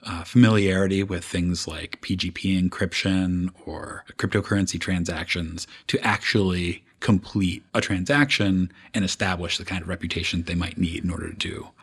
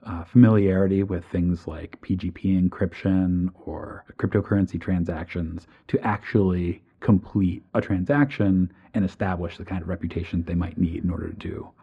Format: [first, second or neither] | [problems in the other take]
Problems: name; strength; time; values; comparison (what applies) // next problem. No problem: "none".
first | muffled; very; fading above 2.5 kHz